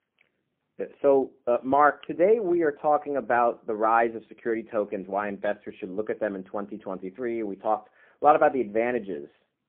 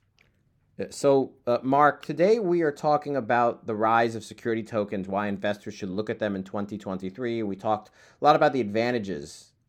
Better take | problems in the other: second | phone-call audio; poor line

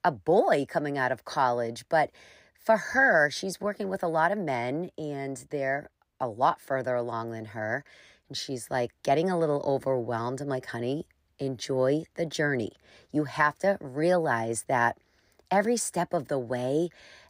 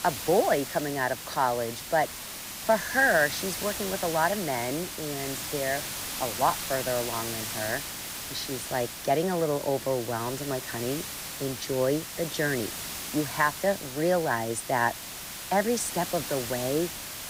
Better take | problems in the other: first | hiss; loud; throughout; 6 dB below the speech

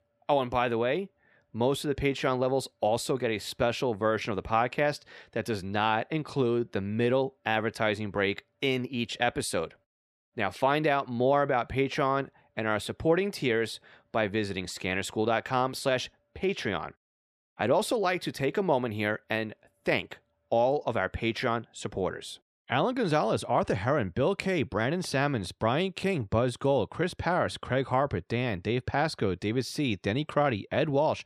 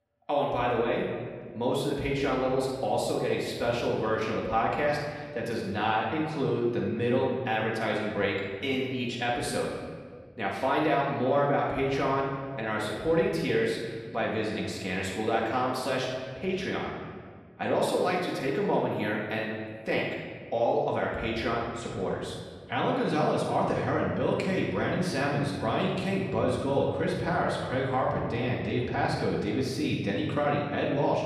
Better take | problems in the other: first | off-mic speech; far // room echo; noticeable; dies away in 1.6 s

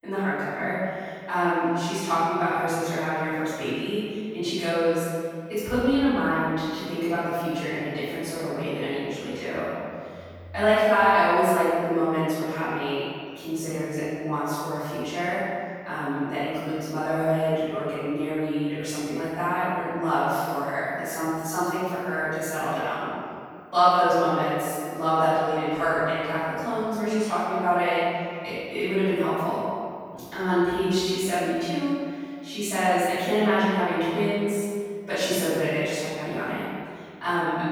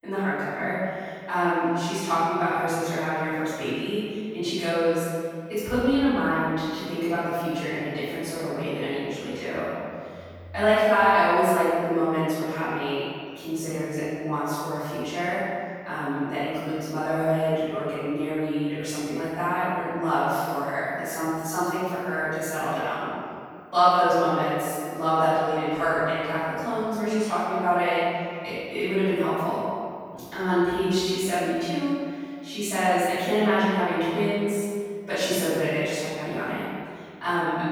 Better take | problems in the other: neither | off-mic speech; far; the same in both // room echo; strong; dies away in 2 s; the same in both

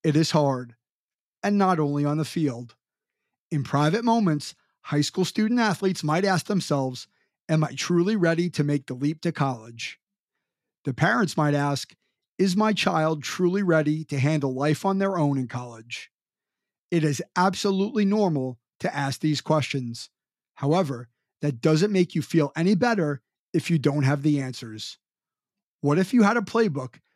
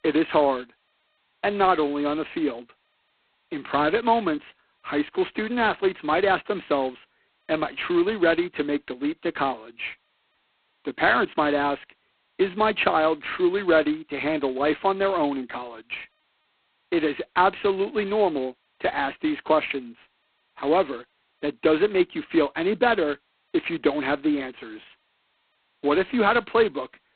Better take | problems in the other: first | phone-call audio; poor line; nothing above 4 kHz

